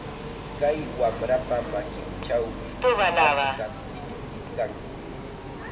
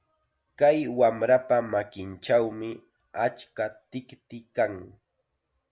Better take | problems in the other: second | background sound (Subway, metro, underground); 2 dB above the speech // room echo; dies away in 1.2 s

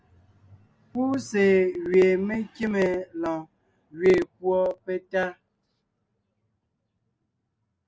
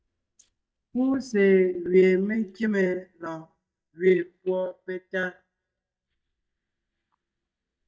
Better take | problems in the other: first | noise reduction (neural mask model DeepFilterNet 3)

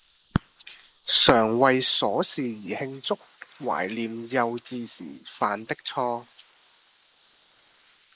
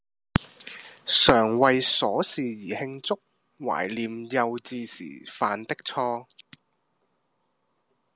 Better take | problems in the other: second | noise reduction (neural mask model Resemble Enhance denoiser)

